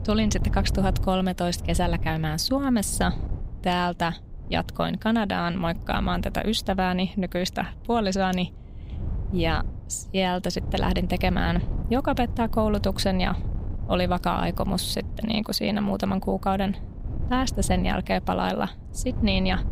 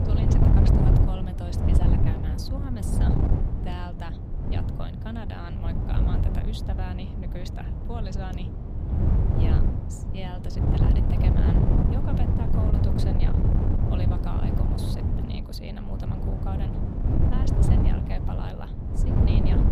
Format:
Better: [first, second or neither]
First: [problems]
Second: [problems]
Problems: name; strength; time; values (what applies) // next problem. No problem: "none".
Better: first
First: wind noise on the microphone; occasional gusts; 20 dB below the speech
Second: wind noise on the microphone; heavy; 5 dB above the speech